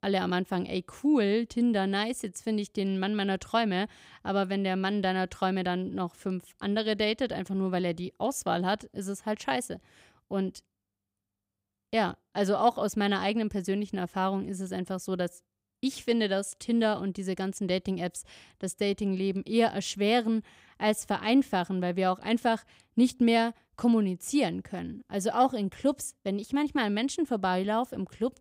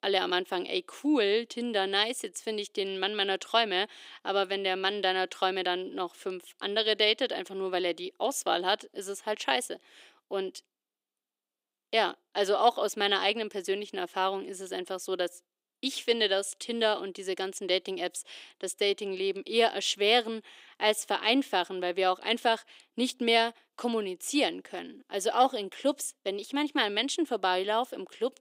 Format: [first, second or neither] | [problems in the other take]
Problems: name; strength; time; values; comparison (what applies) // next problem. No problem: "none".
first | thin; somewhat; fading below 350 Hz